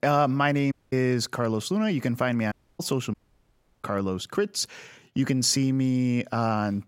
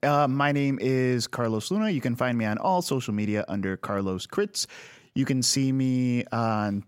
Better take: second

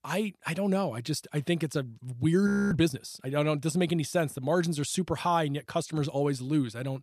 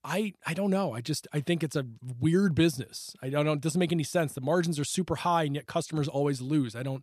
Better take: second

